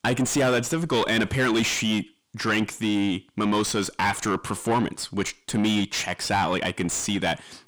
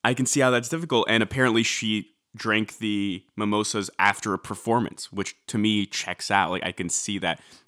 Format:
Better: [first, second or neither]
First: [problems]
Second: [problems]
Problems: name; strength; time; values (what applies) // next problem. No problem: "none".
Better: second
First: distortion; heavy; 6 dB below the speech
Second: none